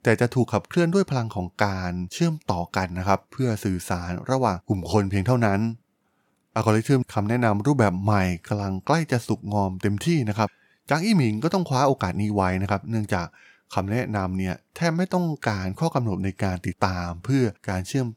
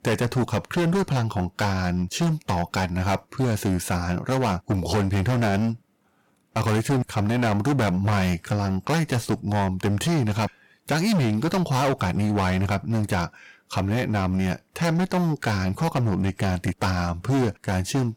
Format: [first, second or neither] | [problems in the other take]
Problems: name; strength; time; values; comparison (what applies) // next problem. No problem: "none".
first | distortion; heavy; 19% of the sound clipped